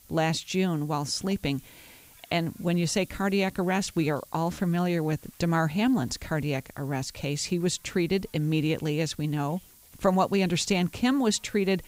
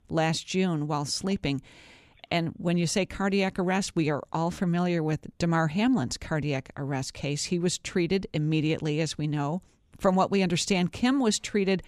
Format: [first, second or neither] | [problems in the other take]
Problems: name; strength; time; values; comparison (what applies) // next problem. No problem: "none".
second | hiss; faint; throughout; 25 dB below the speech